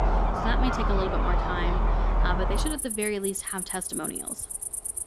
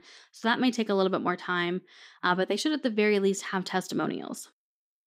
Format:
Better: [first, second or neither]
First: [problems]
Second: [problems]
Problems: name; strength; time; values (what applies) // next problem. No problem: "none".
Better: second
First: animal sounds; very loud; throughout; 4 dB above the speech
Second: none